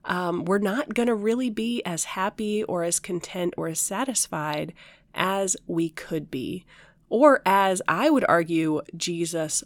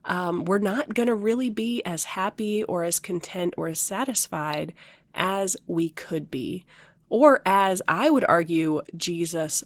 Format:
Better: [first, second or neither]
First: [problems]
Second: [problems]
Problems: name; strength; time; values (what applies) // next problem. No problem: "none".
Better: first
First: none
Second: garbled, watery; slightly; nothing above 15.5 kHz